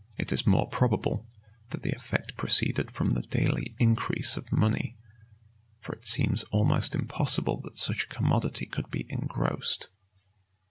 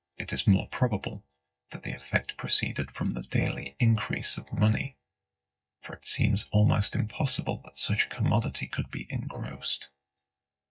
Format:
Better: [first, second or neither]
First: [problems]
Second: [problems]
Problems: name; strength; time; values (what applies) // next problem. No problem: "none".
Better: first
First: none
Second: noise reduction (neural mask model DeepFilterNet 3)